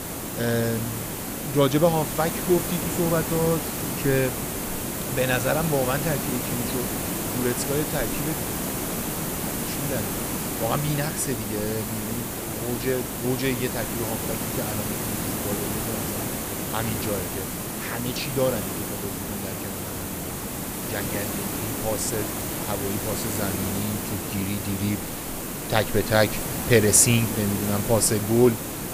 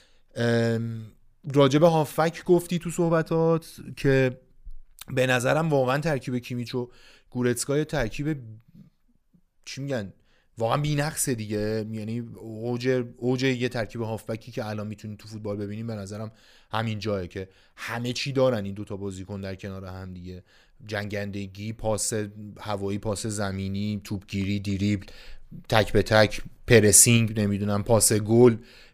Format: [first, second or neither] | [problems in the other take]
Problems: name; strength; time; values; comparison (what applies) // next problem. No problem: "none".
second | hiss; loud; throughout; 2 dB below the speech